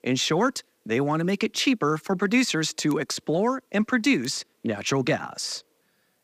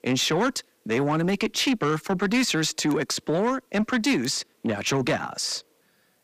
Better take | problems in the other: first | distortion; slight; 10 dB below the speech

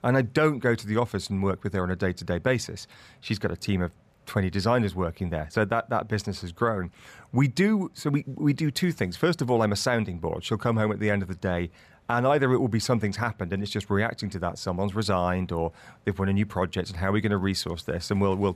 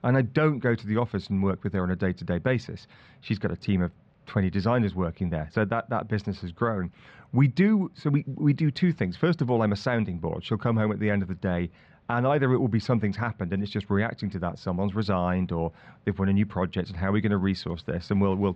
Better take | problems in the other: first | muffled; very slightly; fading above 4 kHz

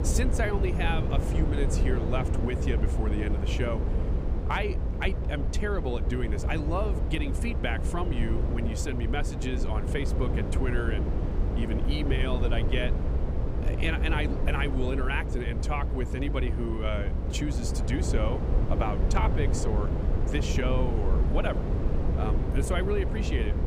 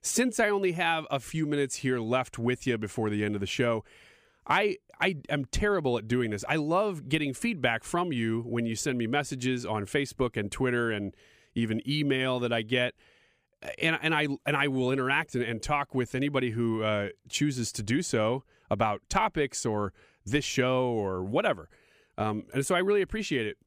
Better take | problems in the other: second | low rumble; loud; throughout; 5 dB below the speech

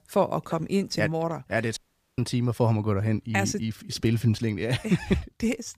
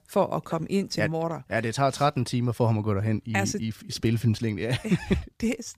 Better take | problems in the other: second | audio cutting out; at 2 s

